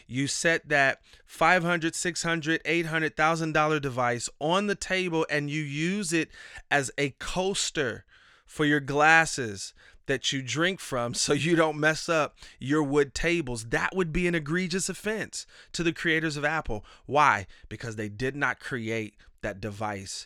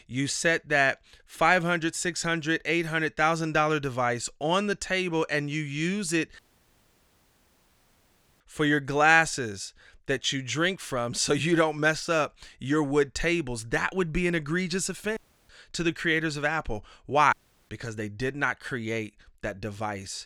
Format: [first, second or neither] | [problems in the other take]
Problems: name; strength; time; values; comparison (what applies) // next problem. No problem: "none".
first | audio cutting out; at 6.5 s for 2 s, at 15 s and at 17 s